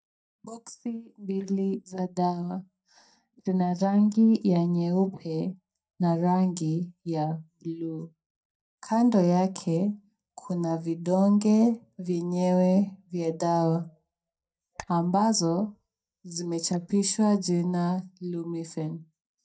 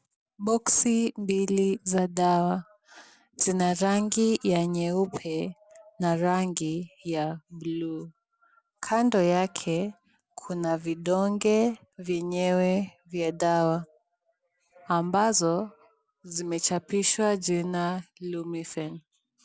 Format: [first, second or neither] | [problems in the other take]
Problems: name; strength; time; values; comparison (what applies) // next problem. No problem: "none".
second | noise reduction (neural mask model DeepFilterNet 3)